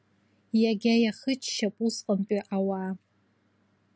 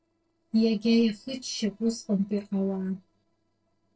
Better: first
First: none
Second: noise reduction (neural separator model SepFormer DNS4)

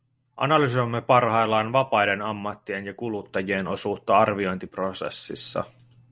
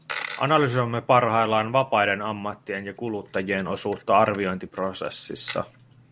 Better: first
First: none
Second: background sound (Coin (dropping)); 18 dB below the speech

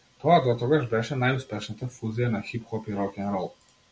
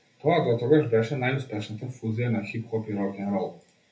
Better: first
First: none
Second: room echo; dies away in 0.3 s

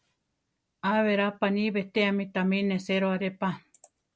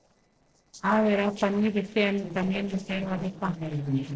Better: first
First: none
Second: noise reduction (neural separator model SepFormer DNS4)

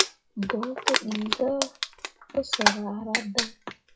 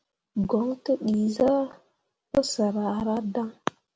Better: second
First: noise reduction (classical method WPE with log-MMSE)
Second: none

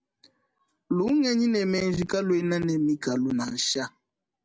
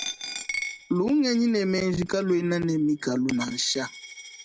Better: first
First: none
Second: background sound (Coin (dropping)); 13 dB below the speech

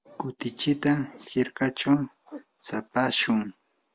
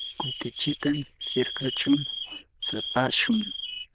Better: first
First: none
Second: noise reduction (neural diffusion model UNIVERSE++)

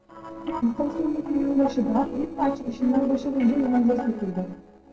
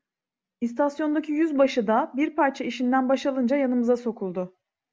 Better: second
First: noise reduction (neural separator model SepFormer DNS4)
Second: none

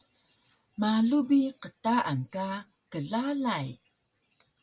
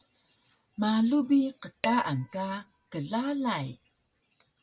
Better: first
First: none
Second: background sound (Dishes, pots, and pans); 14 dB below the speech

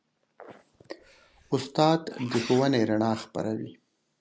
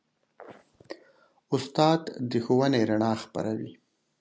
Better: second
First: background sound (Sneeze); 16 dB below the speech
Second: none

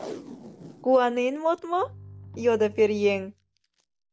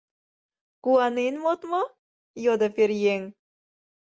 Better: second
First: background sound (Packing tape, duct tape + Bowed string instrument); 18 dB below the speech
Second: none

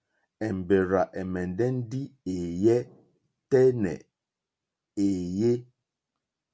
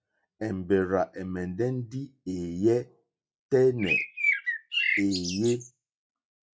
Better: first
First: none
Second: noise reduction (classical method log-MMSE)

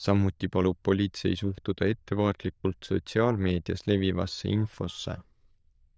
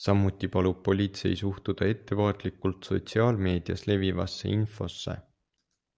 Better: second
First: noise reduction (neural diffusion model UNIVERSE++)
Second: none

